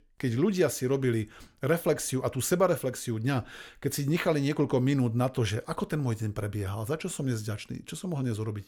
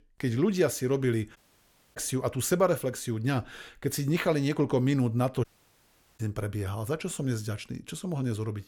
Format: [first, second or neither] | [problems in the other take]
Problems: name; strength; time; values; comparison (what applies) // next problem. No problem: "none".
first | audio cutting out; at 1.5 s for 0.5 s and at 5.5 s for 1 s